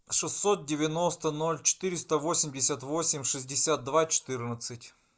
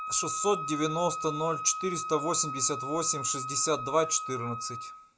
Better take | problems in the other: first | background sound (Wind instrument, woodwind instrument); 6 dB below the speech

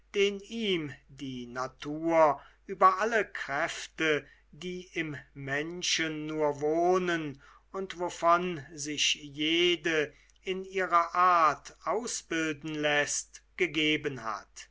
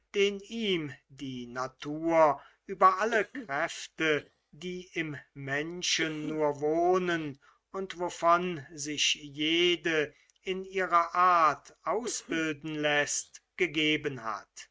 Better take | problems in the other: first | noise reduction (neural mask model RNNoise)

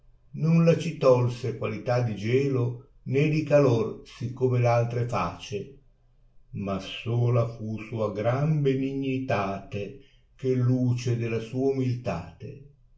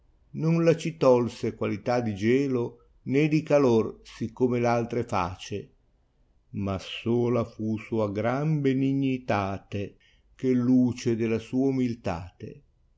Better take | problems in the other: second | room echo; dies away in 0.3 s

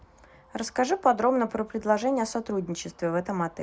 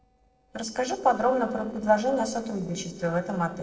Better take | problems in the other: first | noise reduction (neural separator model SepFormer DNS4)

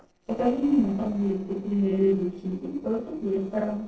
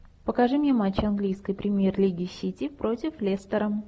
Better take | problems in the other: second | noise reduction (neural separator model SepFormer DNS4)

